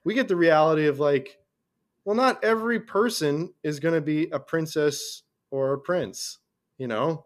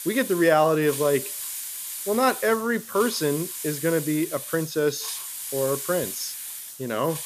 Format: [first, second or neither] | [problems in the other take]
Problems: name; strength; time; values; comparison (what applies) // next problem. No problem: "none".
first | hiss; loud; throughout; 8 dB below the speech